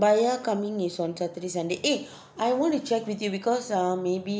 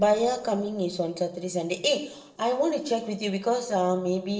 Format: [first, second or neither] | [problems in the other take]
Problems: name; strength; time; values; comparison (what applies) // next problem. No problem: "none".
first | noise reduction (neural separator model SepFormer DNS4)